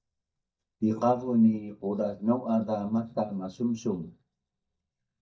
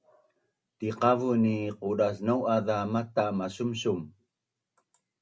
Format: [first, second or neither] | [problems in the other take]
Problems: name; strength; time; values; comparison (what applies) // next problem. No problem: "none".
second | noise reduction (neural mask model DeepFilterNet 3)